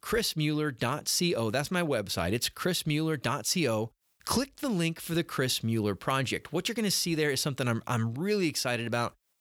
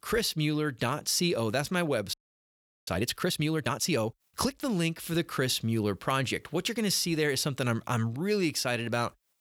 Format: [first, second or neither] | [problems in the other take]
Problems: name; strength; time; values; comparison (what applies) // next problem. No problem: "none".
first | audio freezing; at 2 s for 0.5 s